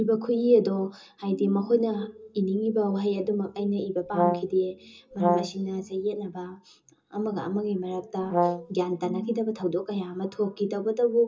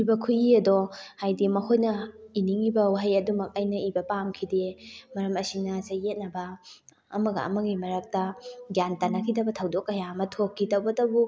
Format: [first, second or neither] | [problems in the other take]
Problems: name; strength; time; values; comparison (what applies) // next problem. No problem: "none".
second | background sound (Brass instrument); as loud as the speech // room echo; dies away in 0.2 s